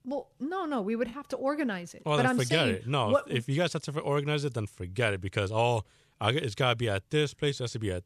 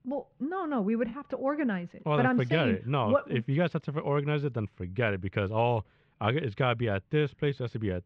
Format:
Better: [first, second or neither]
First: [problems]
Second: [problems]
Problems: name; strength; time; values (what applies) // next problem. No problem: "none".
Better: first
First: none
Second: muffled; very; fading above 2.5 kHz